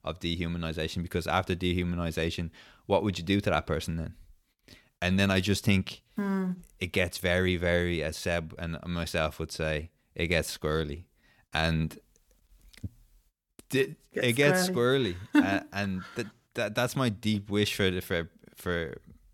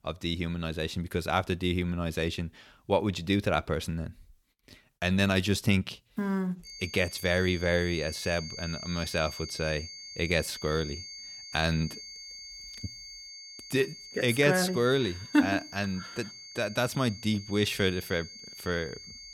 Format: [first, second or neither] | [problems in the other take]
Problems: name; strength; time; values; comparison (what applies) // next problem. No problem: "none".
first | high-pitched whine; noticeable; from 6.5 s on; 4.5 kHz, 10 dB below the speech